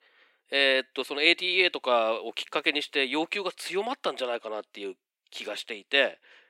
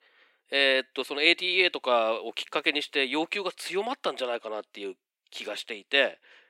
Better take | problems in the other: neither | thin; very slightly; fading below 300 Hz; the same in both

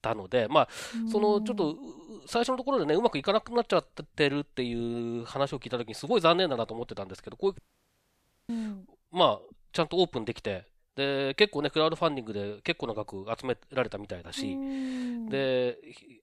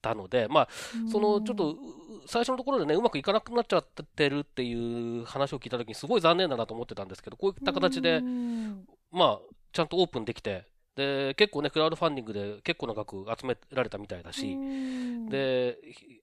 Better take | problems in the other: second | audio cutting out; at 7.5 s for 1 s

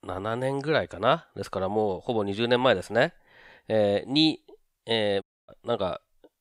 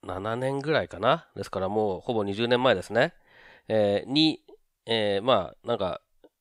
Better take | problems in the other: second | audio cutting out; at 5 s

